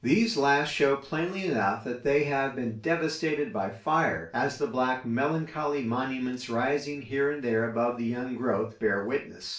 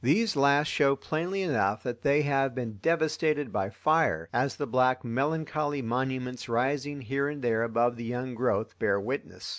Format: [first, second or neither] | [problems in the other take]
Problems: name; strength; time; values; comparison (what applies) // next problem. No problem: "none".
second | room echo; dies away in 0.3 s